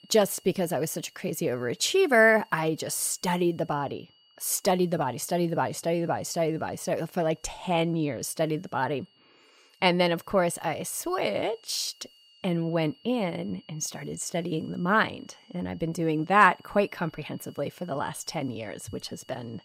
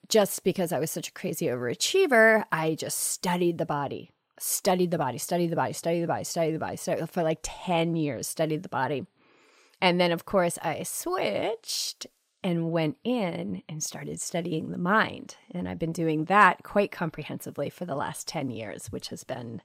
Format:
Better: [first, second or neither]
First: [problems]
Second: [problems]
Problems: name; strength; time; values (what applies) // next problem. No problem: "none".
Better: second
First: high-pitched whine; faint; throughout; 3 kHz, 30 dB below the speech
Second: none